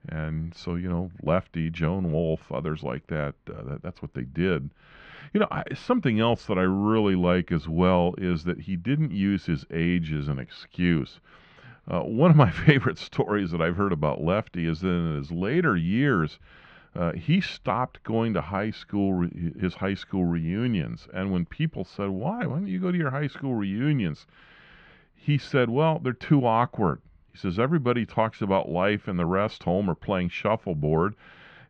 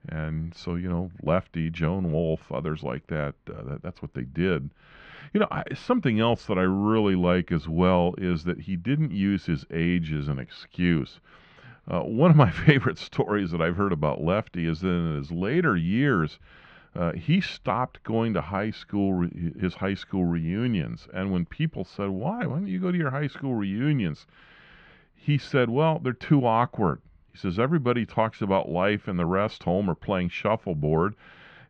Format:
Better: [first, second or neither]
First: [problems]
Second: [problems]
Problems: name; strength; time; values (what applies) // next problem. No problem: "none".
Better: neither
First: muffled; very; fading above 2.5 kHz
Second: muffled; very; fading above 2.5 kHz